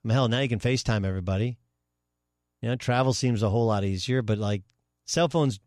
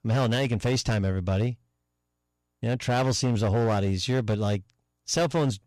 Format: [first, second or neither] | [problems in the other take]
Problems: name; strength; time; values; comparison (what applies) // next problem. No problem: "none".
first | distortion; slight; 11% of the sound clipped